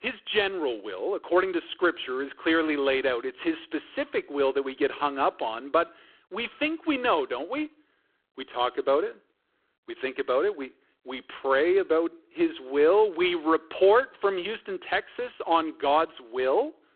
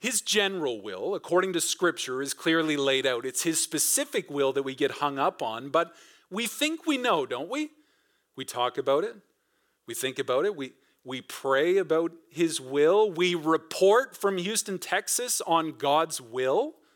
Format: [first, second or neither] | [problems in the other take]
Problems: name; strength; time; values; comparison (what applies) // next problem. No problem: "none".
second | phone-call audio; poor line